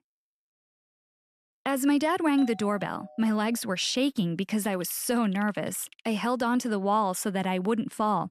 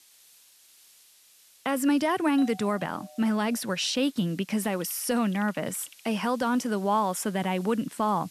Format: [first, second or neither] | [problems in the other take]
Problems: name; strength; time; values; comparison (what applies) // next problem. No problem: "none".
first | hiss; faint; throughout; 25 dB below the speech